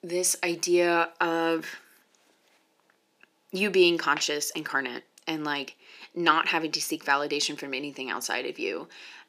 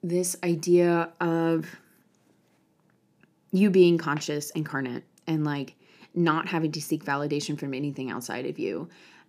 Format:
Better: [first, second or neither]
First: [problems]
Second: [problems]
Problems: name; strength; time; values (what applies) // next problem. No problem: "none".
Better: second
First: thin; very; fading below 450 Hz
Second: none